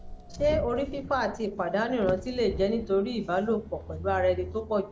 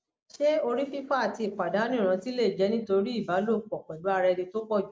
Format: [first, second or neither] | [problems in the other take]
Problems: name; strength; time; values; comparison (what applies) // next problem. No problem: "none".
second | background sound (Thunderstorm + Motor vehicle (road)); 11 dB below the speech